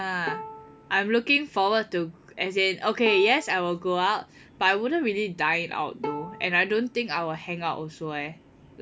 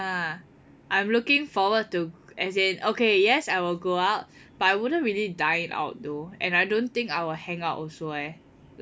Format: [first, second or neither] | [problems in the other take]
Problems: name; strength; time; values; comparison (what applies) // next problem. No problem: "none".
second | background sound (Bowed string instrument); 16 dB below the speech